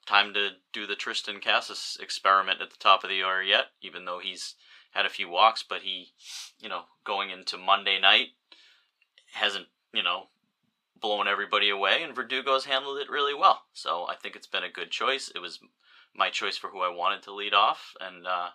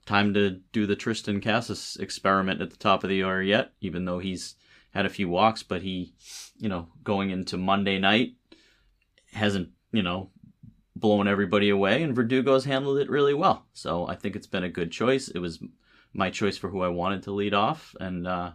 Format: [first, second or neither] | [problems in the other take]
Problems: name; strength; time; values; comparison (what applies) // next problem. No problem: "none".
second | thin; very; fading below 700 Hz